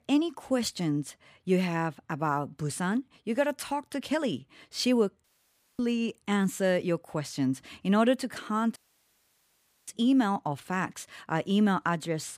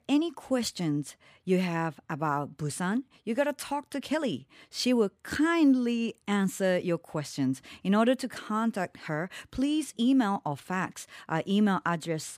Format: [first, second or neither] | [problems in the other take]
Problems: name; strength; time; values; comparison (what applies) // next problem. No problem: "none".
second | audio cutting out; at 5 s for 0.5 s and at 9 s for 1 s